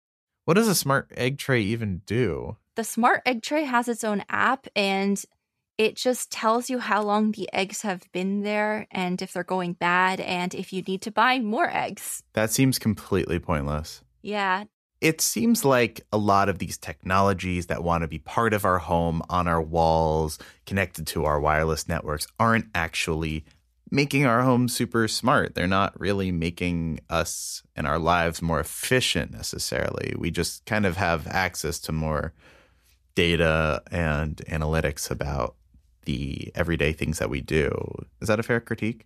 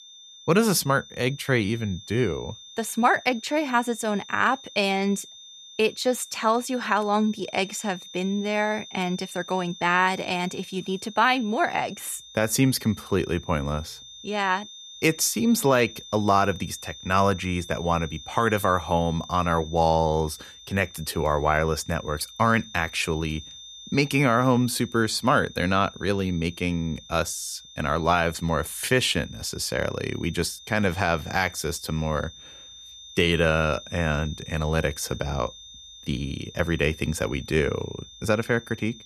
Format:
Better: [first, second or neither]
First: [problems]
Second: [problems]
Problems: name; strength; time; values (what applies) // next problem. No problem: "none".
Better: first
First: none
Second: high-pitched whine; noticeable; throughout; 3.5 kHz, 15 dB below the speech